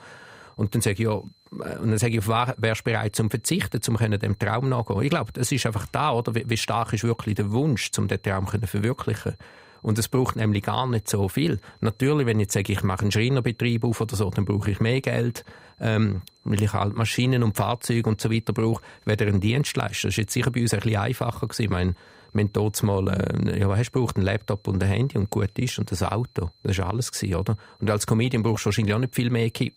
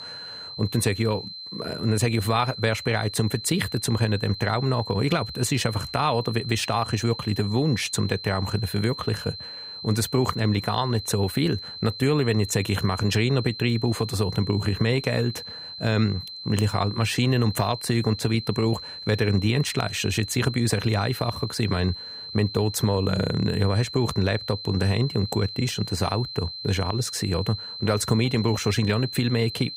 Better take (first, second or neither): first